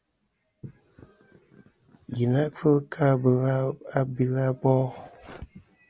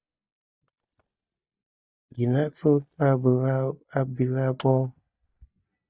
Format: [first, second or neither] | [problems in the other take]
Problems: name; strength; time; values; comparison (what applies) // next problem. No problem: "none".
first | noise reduction (neural mask model DeepFilterNet 3)